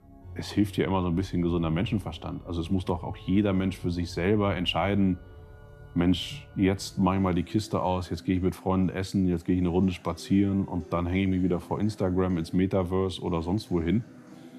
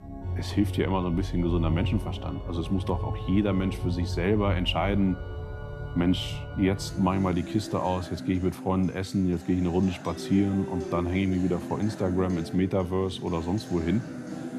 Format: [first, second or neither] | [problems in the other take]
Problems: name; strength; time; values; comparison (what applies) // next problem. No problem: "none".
first | background music; loud; throughout; 8 dB below the speech; faint in the first